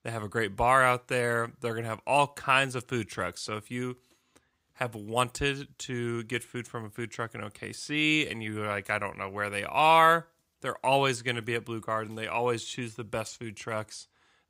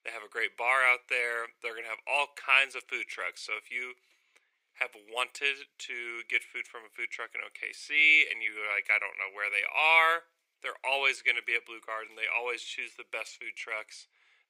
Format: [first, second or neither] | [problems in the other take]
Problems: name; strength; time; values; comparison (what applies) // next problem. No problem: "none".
first | thin; very; fading below 400 Hz